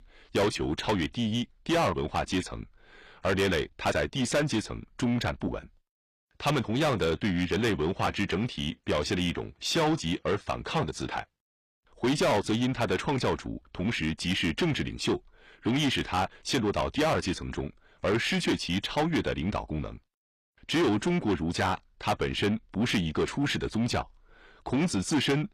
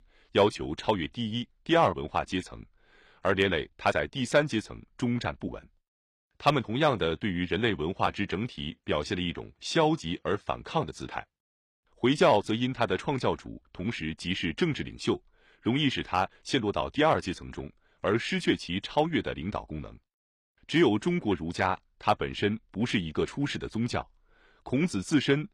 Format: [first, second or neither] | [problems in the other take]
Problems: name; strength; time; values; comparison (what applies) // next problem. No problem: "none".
second | distortion; heavy; 6 dB below the speech